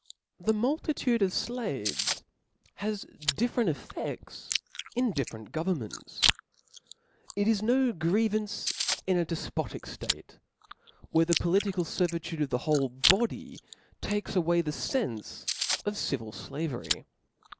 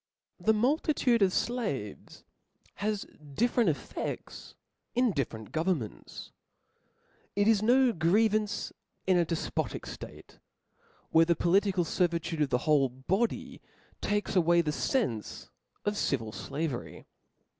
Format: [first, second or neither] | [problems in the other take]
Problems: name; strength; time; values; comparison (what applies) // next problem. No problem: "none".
second | background sound (Chewing, mastication); 6 dB below the speech